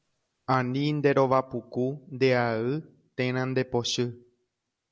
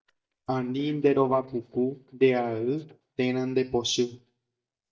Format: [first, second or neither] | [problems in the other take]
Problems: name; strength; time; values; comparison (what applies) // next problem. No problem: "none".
first | noise reduction (neural mask model DeepFilterNet 3)